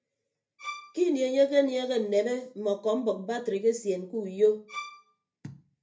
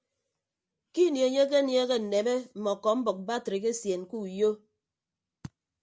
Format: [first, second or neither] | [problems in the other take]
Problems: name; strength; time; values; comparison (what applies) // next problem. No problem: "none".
second | background sound (Bowed string instrument); 14 dB below the speech // room echo; dies away in 0.3 s